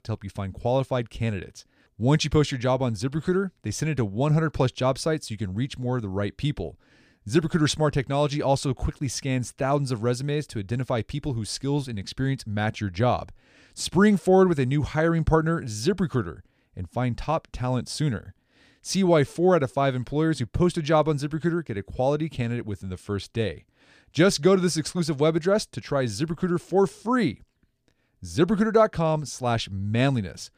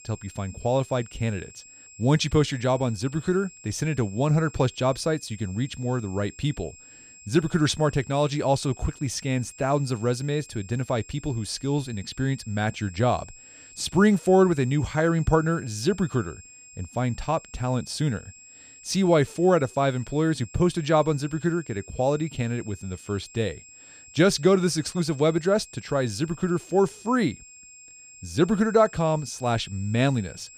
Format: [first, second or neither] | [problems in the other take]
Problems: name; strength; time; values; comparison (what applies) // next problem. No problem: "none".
first | high-pitched whine; faint; throughout; 7.5 kHz, 20 dB below the speech